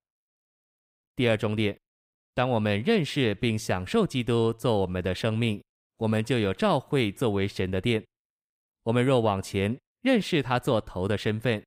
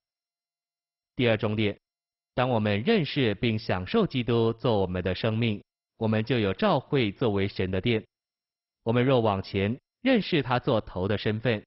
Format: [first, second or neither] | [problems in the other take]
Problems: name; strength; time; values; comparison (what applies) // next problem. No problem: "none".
first | garbled, watery; badly; nothing above 5.5 kHz